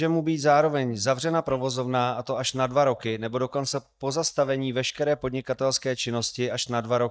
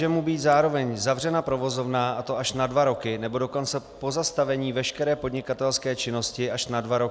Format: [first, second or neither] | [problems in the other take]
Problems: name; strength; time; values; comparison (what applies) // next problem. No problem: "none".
second | noise reduction (neural mask model DeepFilterNet 3)